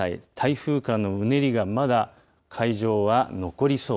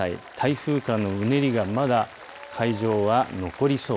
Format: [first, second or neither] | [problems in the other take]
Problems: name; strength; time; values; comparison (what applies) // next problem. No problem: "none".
first | background sound (Applause); 18 dB below the speech